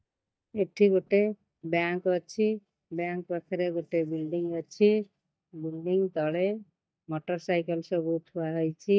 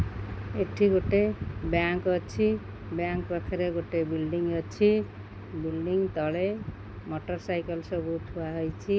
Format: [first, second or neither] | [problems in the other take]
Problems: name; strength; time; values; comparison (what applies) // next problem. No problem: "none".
second | noise reduction (neural mask model DeepFilterNet 3)